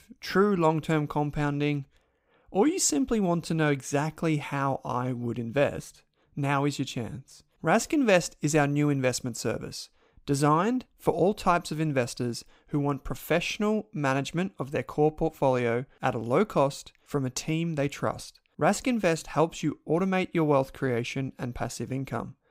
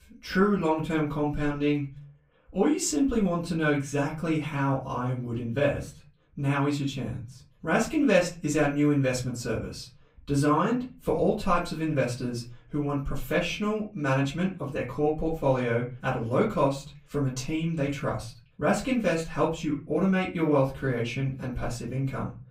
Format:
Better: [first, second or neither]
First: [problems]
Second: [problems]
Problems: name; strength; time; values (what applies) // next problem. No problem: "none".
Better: first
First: none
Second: off-mic speech; far // room echo; very slight; dies away in 0.3 s